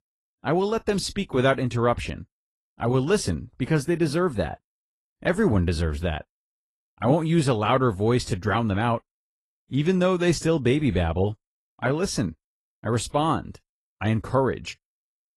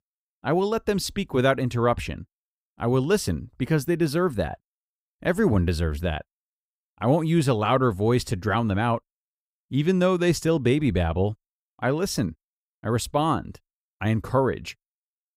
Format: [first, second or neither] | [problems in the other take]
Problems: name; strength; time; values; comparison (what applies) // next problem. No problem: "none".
second | garbled, watery; slightly; nothing above 11.5 kHz